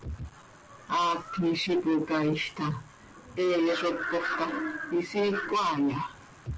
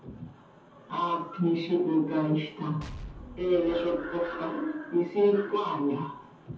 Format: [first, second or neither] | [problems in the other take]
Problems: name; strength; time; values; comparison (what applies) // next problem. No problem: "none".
first | background sound (Explosion); 16 dB below the speech // room echo; dies away in 0.5 s